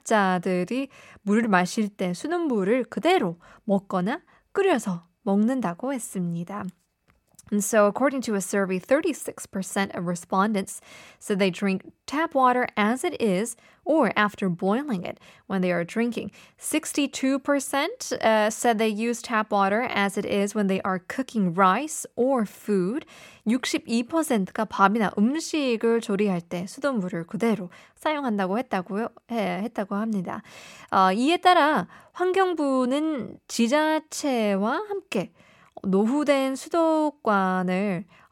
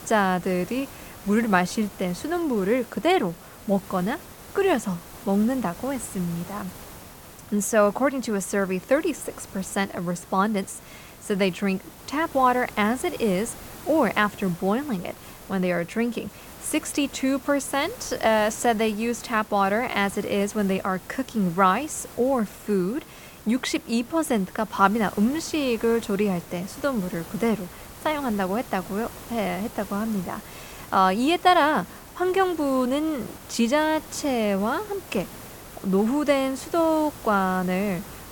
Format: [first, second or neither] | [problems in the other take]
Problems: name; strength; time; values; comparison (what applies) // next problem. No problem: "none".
first | hiss; noticeable; throughout; 15 dB below the speech